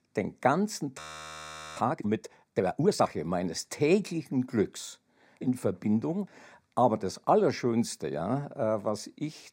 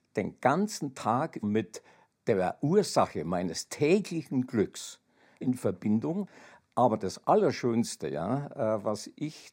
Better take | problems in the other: second | audio freezing; at 1 s for 1 s

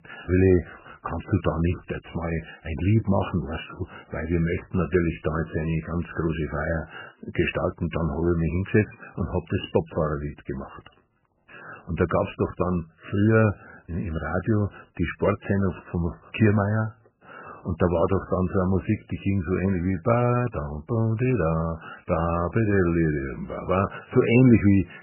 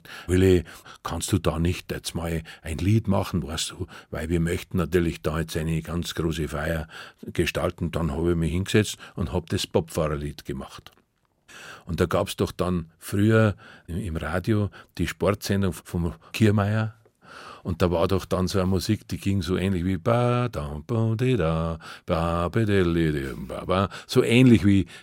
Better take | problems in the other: second | garbled, watery; badly; nothing above 3 kHz

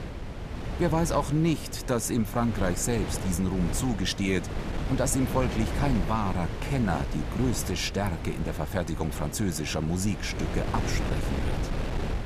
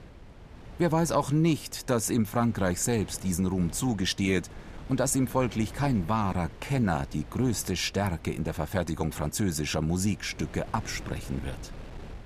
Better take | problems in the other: second | wind noise on the microphone; heavy; 7 dB below the speech; occasional gusts in the second

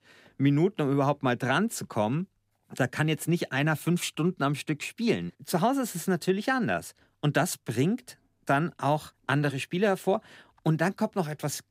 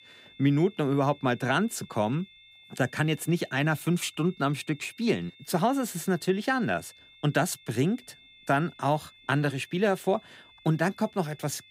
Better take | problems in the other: first | high-pitched whine; faint; throughout; 3.5 kHz, 25 dB below the speech

